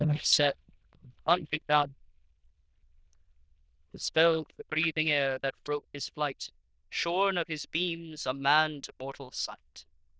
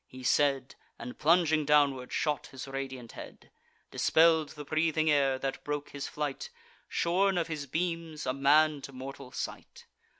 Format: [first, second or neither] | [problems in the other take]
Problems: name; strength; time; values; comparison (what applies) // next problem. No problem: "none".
second | noise reduction (neural diffusion model UNIVERSE++)